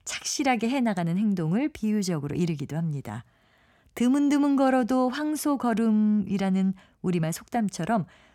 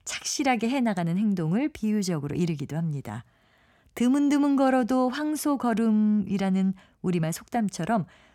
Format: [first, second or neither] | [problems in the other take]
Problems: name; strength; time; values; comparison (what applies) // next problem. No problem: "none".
neither | none